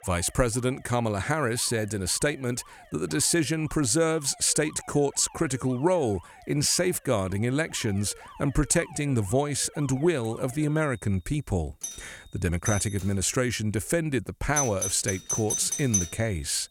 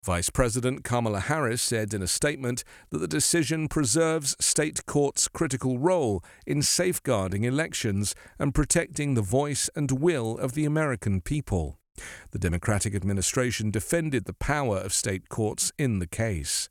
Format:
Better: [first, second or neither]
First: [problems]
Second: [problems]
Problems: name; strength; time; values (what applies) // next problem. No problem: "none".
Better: second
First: alarms or sirens; loud; throughout; 5 dB below the speech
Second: none